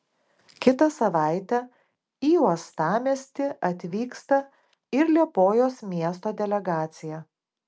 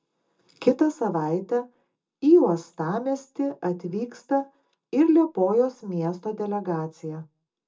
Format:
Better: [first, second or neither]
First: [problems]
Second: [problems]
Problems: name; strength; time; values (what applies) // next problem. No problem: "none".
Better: first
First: none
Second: room echo; dies away in 0.2 s